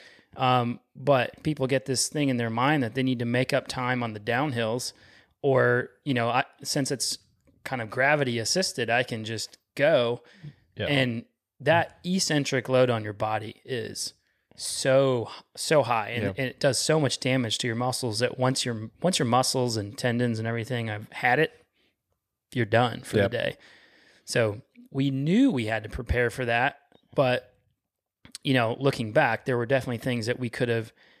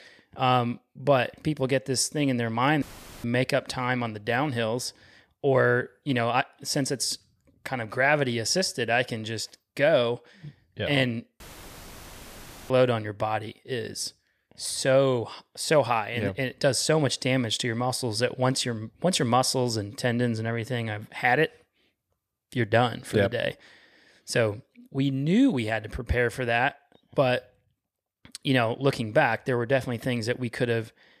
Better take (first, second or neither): first